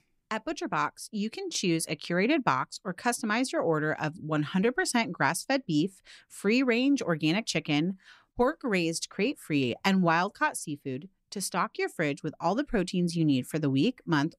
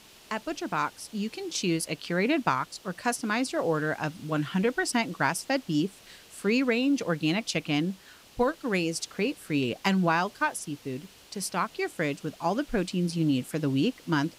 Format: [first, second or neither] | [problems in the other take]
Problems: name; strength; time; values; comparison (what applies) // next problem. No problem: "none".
first | hiss; faint; throughout; 25 dB below the speech